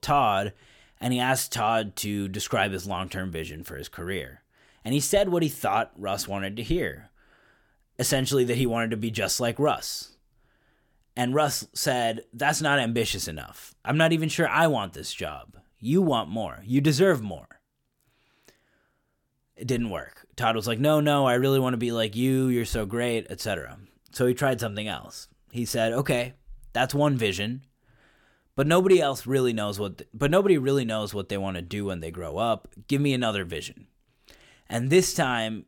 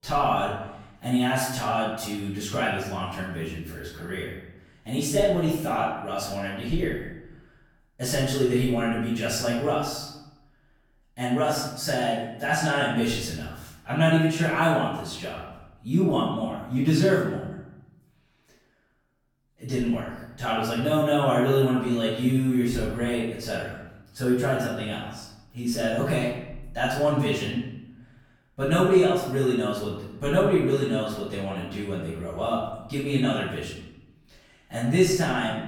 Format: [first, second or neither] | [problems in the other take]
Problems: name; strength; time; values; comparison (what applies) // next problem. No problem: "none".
first | off-mic speech; far // room echo; noticeable; dies away in 0.8 s